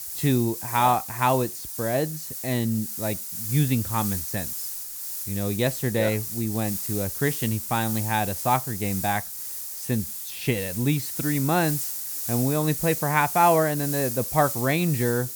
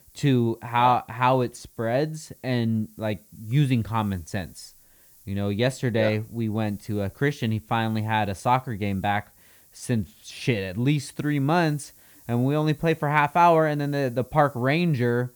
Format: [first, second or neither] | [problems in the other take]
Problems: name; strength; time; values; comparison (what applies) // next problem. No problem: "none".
second | hiss; loud; throughout; 4 dB below the speech; faint in the second